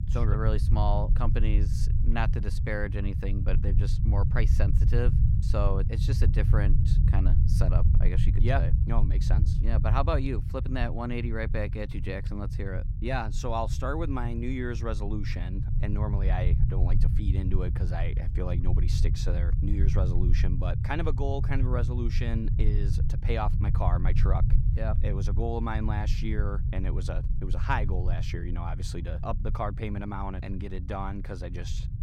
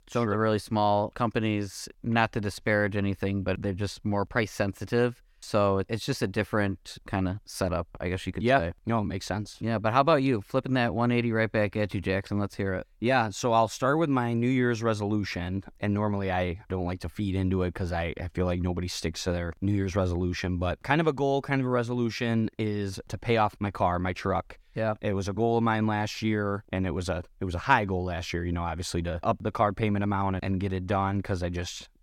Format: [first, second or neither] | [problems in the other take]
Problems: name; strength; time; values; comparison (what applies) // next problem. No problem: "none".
second | low rumble; loud; throughout; 8 dB below the speech